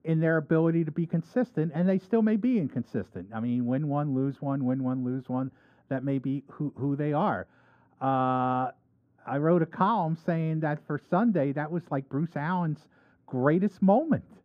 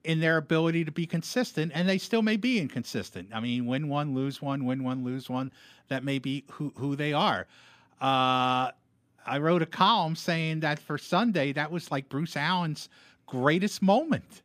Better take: second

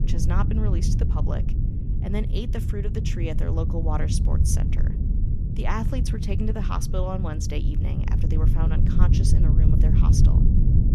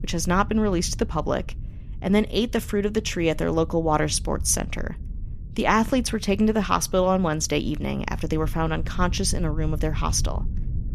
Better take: second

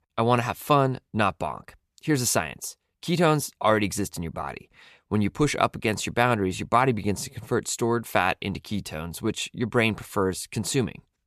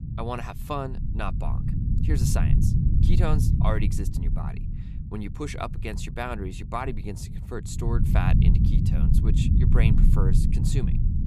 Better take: first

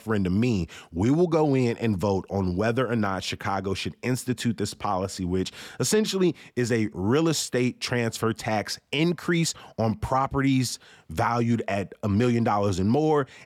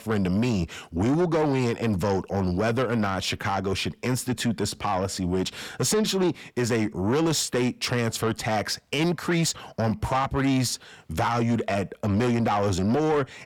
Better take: first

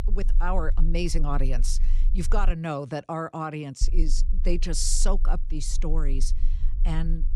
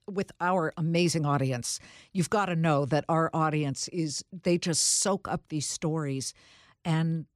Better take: second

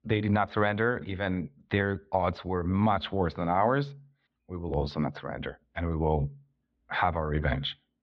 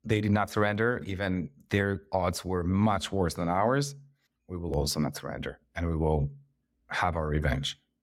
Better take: second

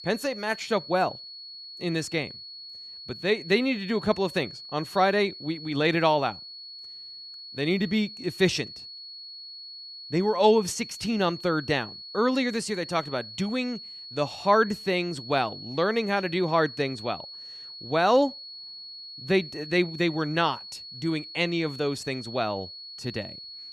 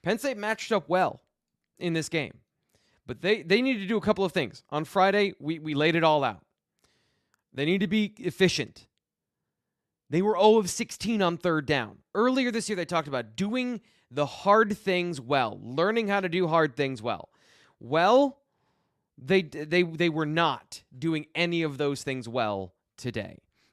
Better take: second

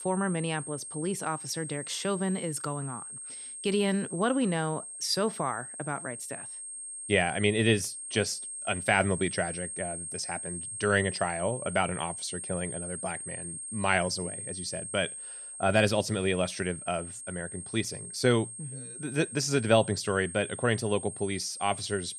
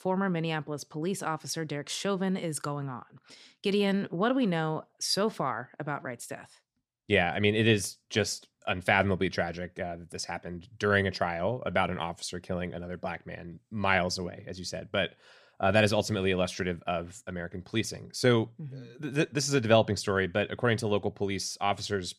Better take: second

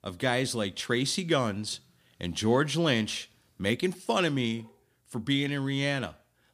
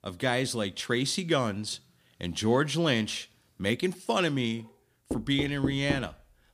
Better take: first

